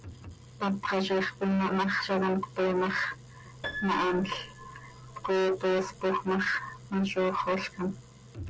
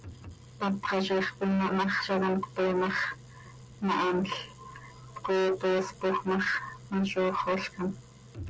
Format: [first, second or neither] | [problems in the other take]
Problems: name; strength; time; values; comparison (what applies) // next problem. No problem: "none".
second | background sound (Piano); 15 dB below the speech